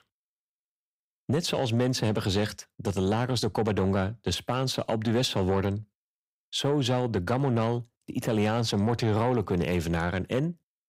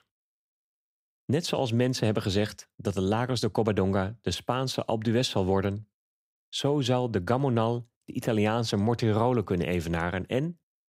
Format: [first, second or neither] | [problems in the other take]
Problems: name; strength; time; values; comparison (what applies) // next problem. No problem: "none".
second | distortion; slight; 10 dB below the speech